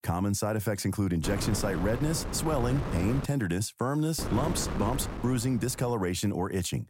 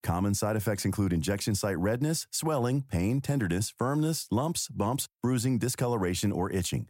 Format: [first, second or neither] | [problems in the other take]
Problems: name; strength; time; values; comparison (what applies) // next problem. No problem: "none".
second | wind noise on the microphone; heavy; from 1 to 3.5 s and from 4 to 6 s; 6 dB below the speech